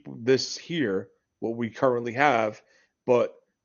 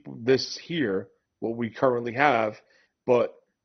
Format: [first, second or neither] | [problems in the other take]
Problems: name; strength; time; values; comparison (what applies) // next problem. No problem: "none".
first | garbled, watery; badly; nothing above 6 kHz; slightly in the first